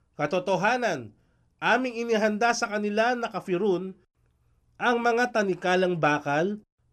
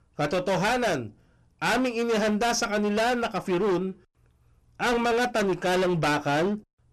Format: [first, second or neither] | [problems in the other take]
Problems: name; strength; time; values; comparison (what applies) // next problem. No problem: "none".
first | distortion; heavy; 23% of the sound clipped